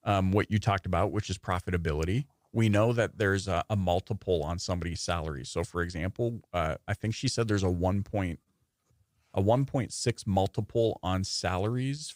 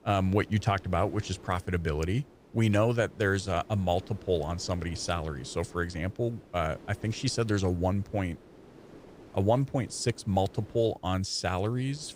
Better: first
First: none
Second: wind noise on the microphone; occasional gusts; 20 dB below the speech

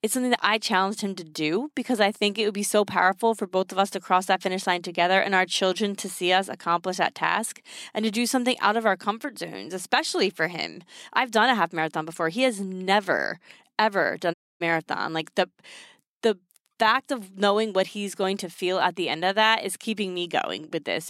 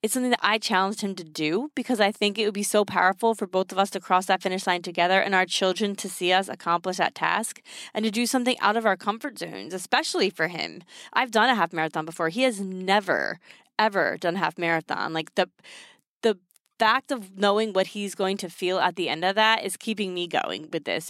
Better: second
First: audio cutting out; at 14 s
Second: none

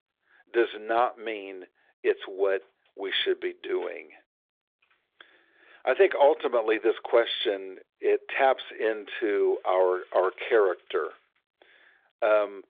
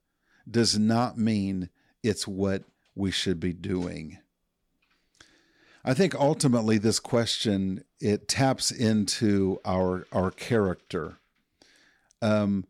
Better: second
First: phone-call audio; nothing above 3.5 kHz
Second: none

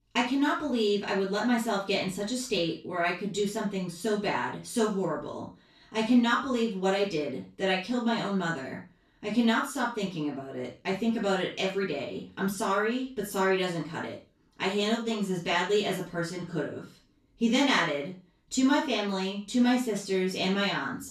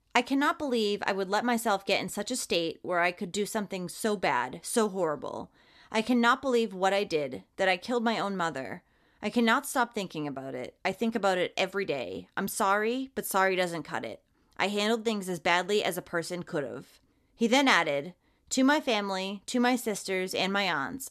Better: second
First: room echo; noticeable; dies away in 0.3 s // off-mic speech; far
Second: none

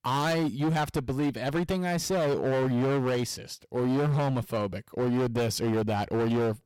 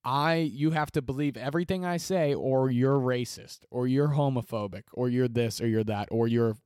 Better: second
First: distortion; heavy; 25% of the sound clipped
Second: none

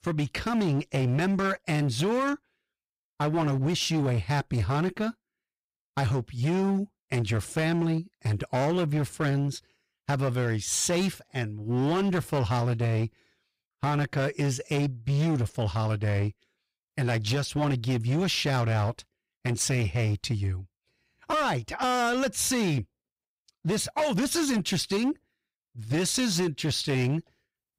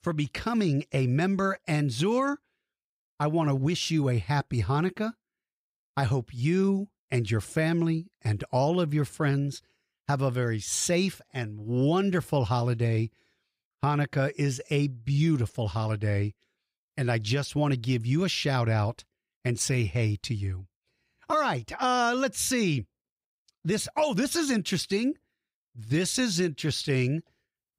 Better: second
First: distortion; slight; 15% of the sound clipped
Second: none

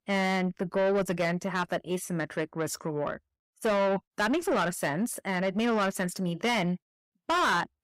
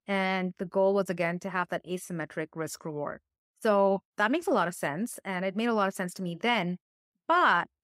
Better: second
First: distortion; heavy; 8 dB below the speech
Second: none

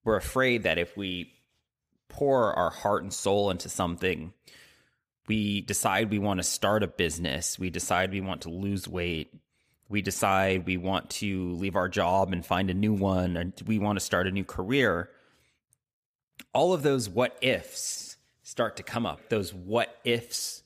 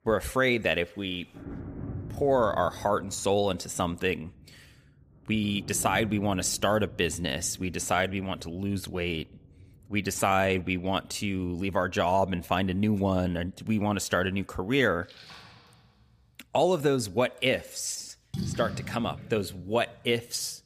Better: first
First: none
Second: rain or running water; noticeable; throughout; 15 dB below the speech

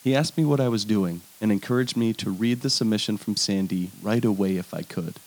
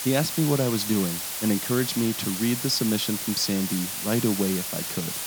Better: first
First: hiss; faint; throughout; 25 dB below the speech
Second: hiss; loud; throughout; 3 dB below the speech

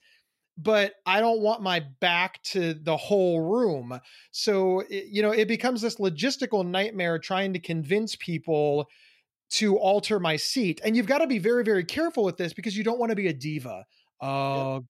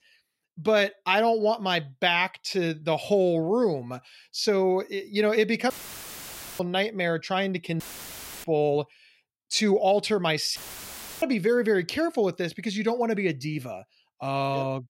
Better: first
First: none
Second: audio cutting out; filled with static; at 5.5 s for 1 s, at 8 s for 0.5 s and at 11 s for 0.5 s

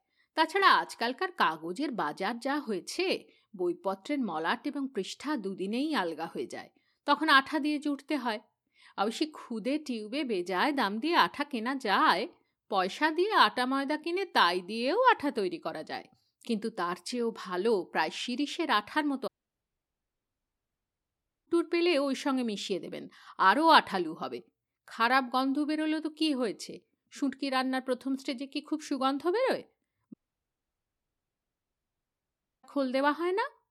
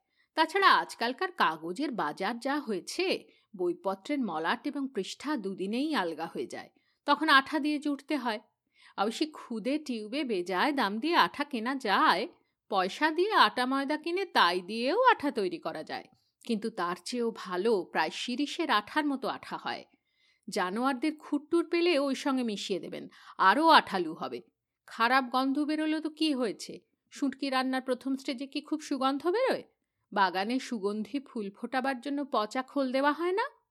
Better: second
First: audio cutting out; at 19 s for 2 s and at 30 s for 2.5 s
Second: none

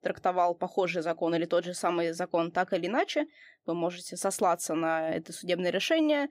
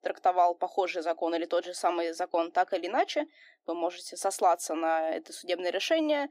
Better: first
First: none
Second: thin; somewhat; fading below 300 Hz

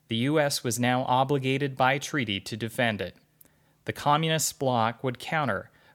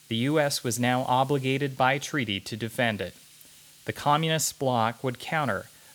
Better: first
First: none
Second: hiss; faint; throughout; 25 dB below the speech

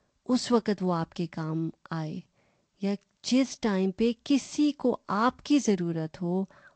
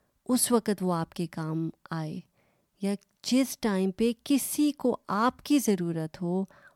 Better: second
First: garbled, watery; slightly; nothing above 8 kHz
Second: none

